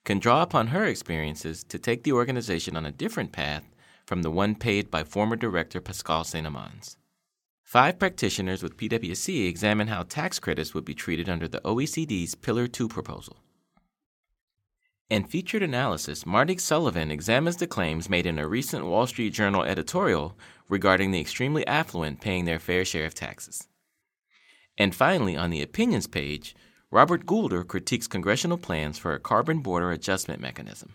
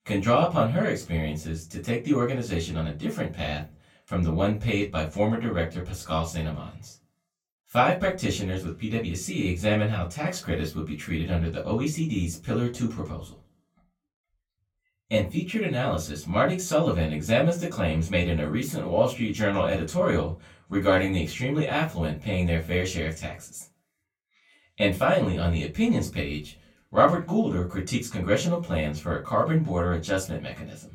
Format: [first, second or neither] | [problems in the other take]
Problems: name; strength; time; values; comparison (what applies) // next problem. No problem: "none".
first | off-mic speech; far // room echo; very slight; dies away in 0.2 s